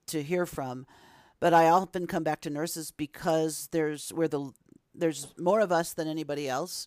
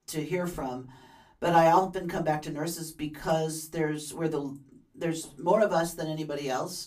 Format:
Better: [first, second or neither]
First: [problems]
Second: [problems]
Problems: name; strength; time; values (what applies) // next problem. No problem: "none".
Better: first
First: none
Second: off-mic speech; far // room echo; very slight; dies away in 0.2 s